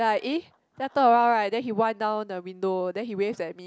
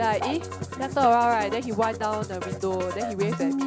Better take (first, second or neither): first